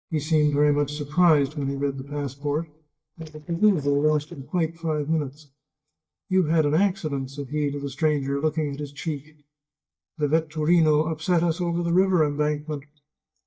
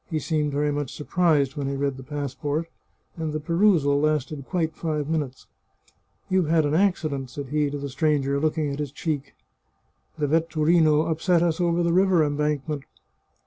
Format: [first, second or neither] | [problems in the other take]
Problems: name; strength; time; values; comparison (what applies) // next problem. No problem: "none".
second | noise reduction (neural mask model DeepFilterNet 3)